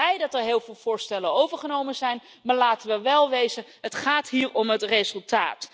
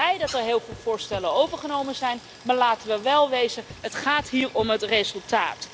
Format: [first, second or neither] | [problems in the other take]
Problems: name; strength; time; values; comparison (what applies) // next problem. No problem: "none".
first | background sound (Stream + Walk, footsteps); 18 dB below the speech